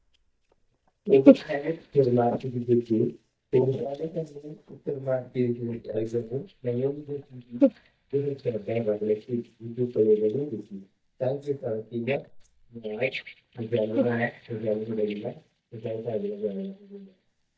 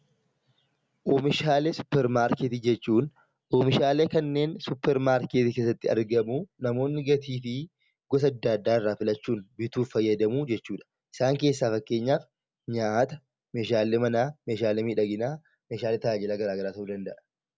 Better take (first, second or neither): second